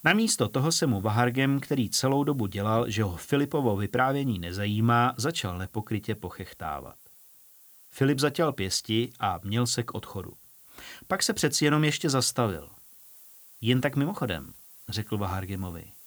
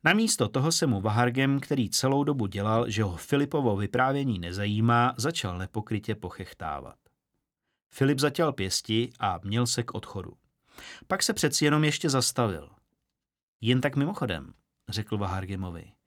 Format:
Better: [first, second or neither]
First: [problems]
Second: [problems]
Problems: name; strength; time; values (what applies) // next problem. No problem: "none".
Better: second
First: hiss; faint; throughout; 20 dB below the speech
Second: none